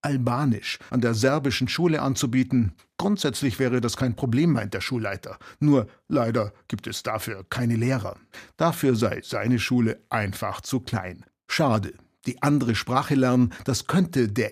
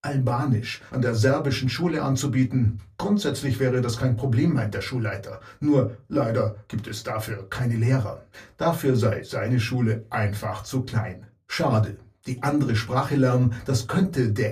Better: first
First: none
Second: off-mic speech; far // room echo; very slight; dies away in 0.2 s

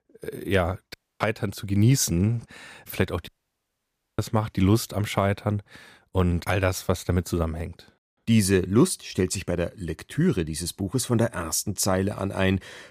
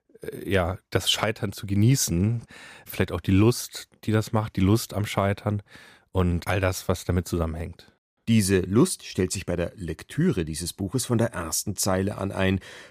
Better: second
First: audio cutting out; at 1 s and at 3.5 s for 1 s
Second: none

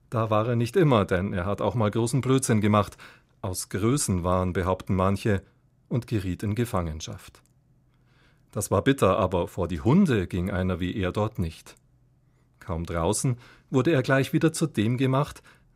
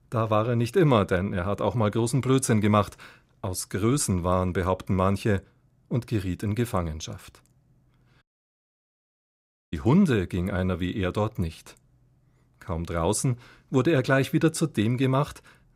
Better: first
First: none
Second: audio cutting out; at 8 s for 1.5 s

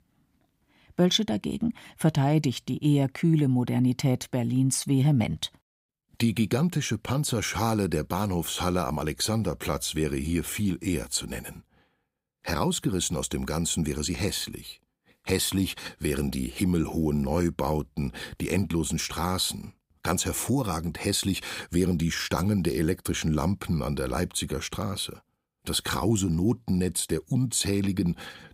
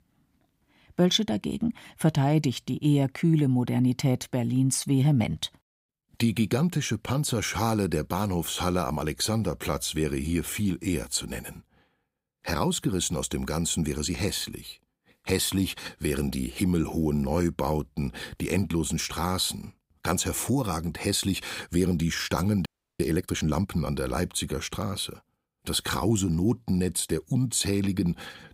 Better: first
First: none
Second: audio freezing; at 23 s

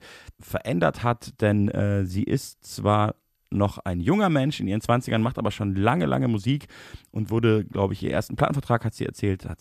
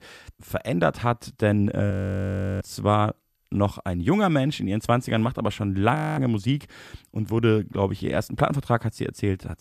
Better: first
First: none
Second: audio freezing; at 2 s for 0.5 s and at 6 s

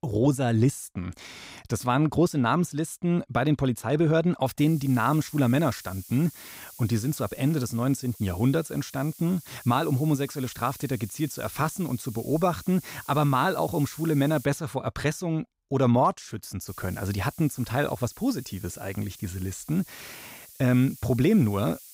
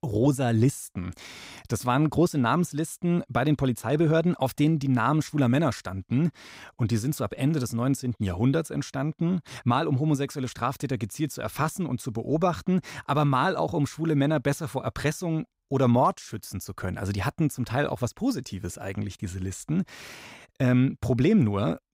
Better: second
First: hiss; noticeable; from 4.5 to 14 s and from 17 s on; 20 dB below the speech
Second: none

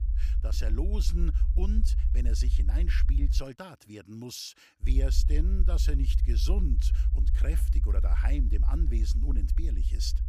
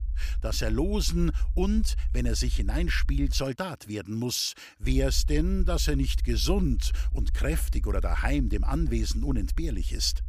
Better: second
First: low rumble; loud; until 3.5 s and from 5 s on; 7 dB below the speech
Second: low rumble; faint; until 3.5 s and from 5 s on; 20 dB below the speech

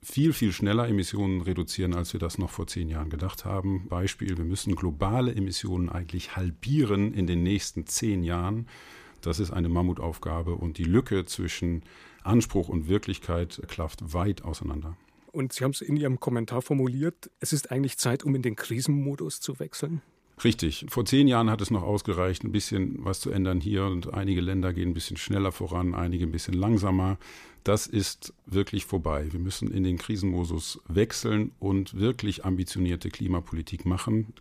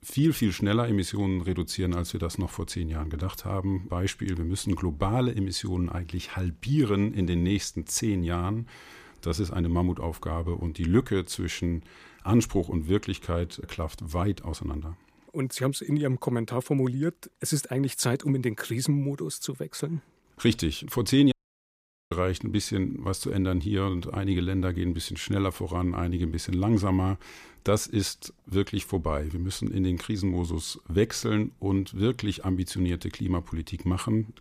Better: first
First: none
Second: audio cutting out; at 21 s for 1 s

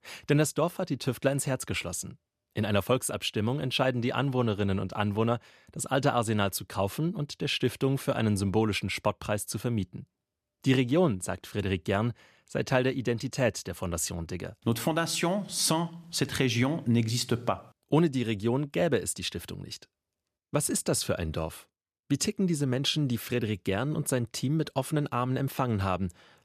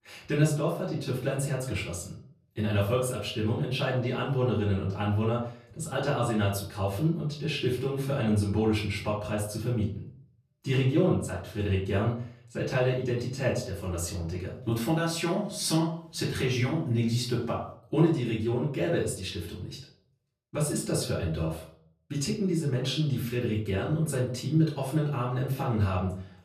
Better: first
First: none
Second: off-mic speech; far // room echo; slight; dies away in 0.5 s

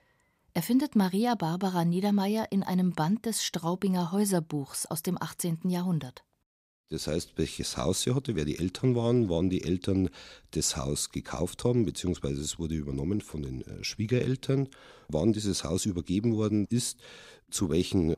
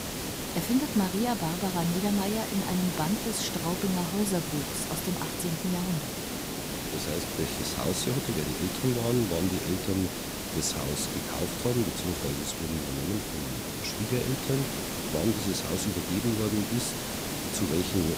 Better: first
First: none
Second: hiss; loud; throughout; 2 dB below the speech

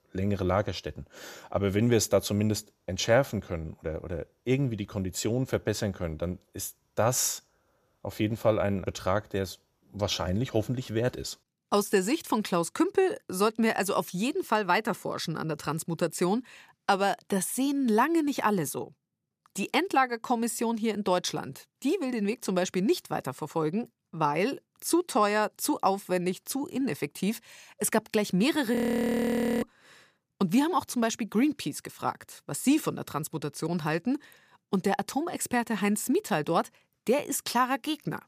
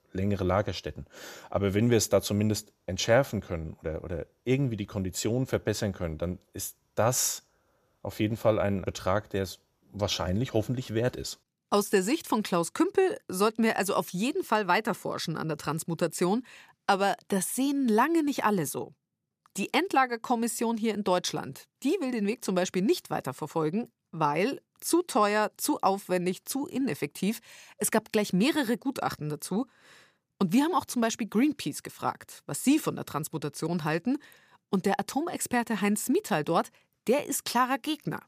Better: second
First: audio freezing; at 29 s for 1 s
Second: none

